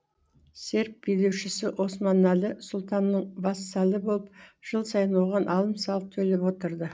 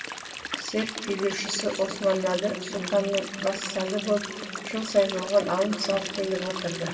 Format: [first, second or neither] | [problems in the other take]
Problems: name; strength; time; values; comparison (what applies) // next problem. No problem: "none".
first | background sound (Stream); 9 dB below the speech // room echo; dies away in 2.5 s